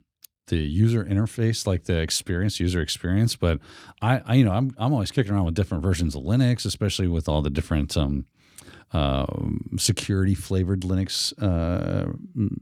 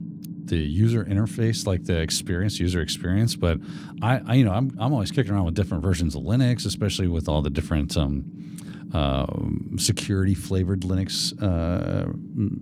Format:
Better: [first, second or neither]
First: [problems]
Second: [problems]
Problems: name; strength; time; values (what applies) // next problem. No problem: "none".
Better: first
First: none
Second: low rumble; noticeable; throughout; 15 dB below the speech